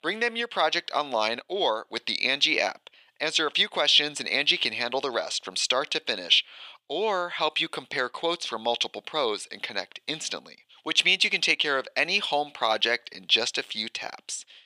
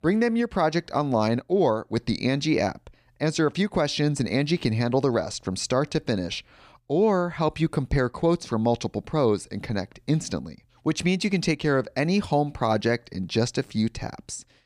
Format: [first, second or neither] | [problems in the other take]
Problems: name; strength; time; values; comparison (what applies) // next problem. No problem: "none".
second | thin; very; fading below 600 Hz